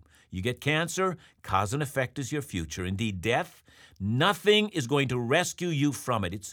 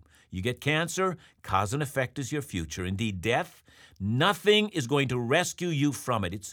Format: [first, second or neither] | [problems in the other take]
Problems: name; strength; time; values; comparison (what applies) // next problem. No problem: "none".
neither | none